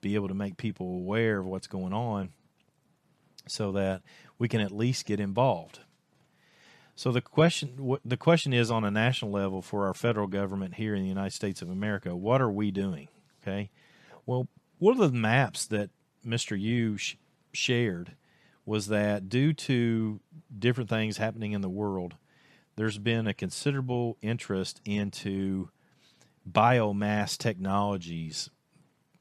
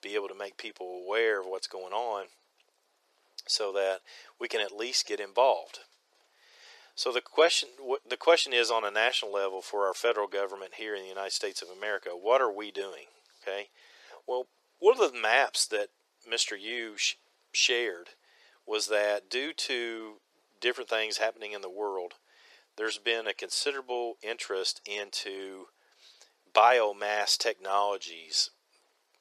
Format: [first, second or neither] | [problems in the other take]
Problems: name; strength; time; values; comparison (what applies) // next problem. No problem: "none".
first | thin; very; fading below 400 Hz